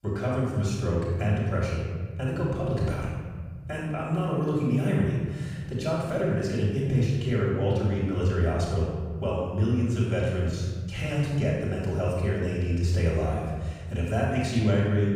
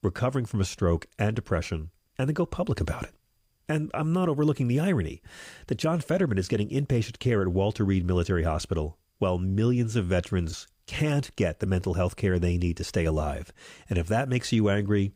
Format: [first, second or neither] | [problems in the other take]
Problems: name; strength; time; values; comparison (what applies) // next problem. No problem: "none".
second | off-mic speech; far // room echo; strong; dies away in 1.7 s